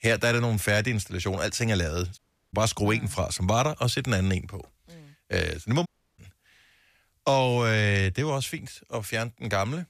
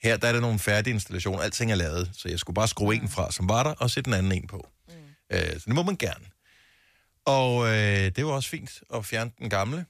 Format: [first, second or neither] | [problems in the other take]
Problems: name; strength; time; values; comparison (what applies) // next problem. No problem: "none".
second | audio cutting out; at 2 s and at 6 s